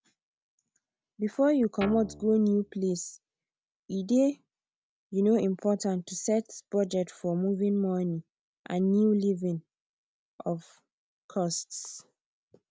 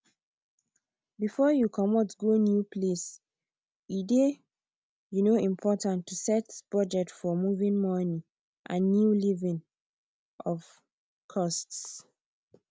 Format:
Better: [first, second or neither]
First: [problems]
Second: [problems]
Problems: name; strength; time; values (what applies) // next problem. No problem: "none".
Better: second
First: background sound (Guitar); 12 dB below the speech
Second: none